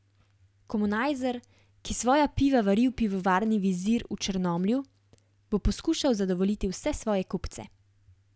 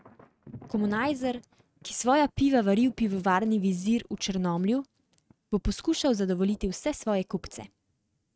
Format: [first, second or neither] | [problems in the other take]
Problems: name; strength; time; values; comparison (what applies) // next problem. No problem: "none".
first | noise reduction (neural mask model RNNoise)